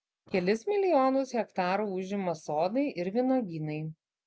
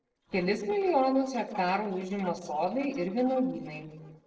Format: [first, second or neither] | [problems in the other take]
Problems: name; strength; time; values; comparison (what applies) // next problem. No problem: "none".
first | noise reduction (neural separator model SepFormer DNS4)